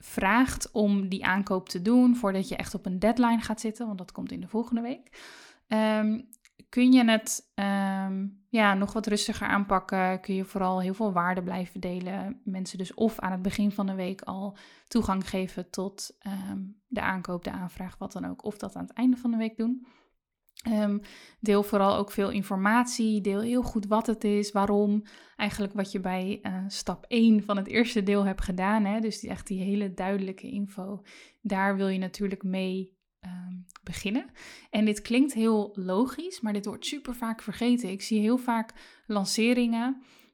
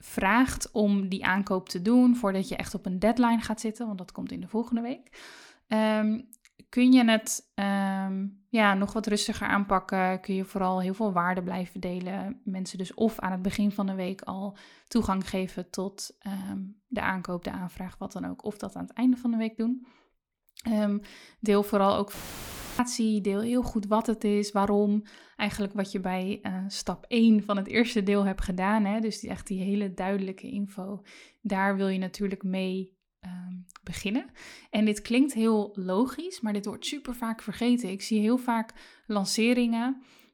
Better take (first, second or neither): first